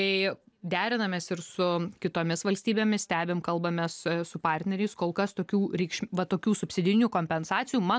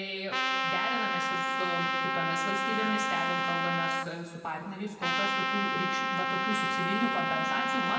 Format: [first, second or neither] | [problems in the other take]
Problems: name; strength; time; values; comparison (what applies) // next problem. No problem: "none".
first | background sound (Trumpet); 5 dB above the speech // room echo; dies away in 2.2 s